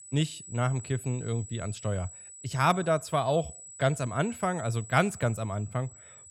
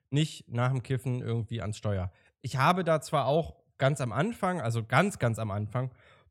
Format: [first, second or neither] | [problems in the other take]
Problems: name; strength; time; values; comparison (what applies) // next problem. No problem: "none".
second | high-pitched whine; noticeable; throughout; 8 kHz, 15 dB below the speech